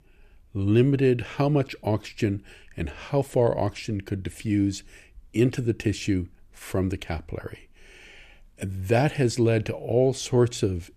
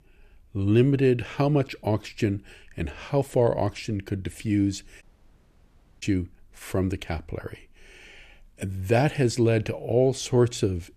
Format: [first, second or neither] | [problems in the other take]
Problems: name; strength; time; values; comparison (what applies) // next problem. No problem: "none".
first | audio cutting out; at 5 s for 1 s